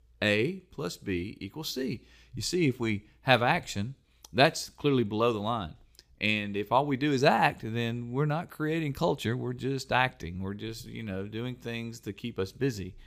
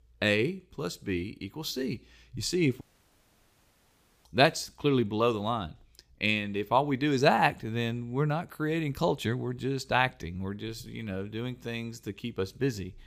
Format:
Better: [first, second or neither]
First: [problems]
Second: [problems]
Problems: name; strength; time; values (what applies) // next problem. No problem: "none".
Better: first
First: none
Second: audio cutting out; at 3 s for 1.5 s